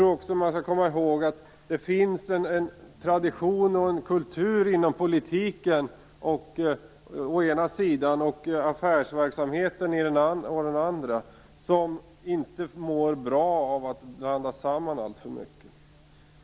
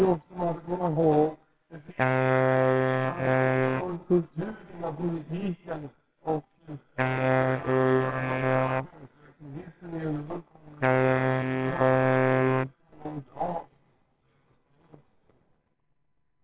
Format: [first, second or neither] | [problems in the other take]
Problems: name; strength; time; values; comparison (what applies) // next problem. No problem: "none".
first | noise reduction (neural separator model SepFormer WHAMR!)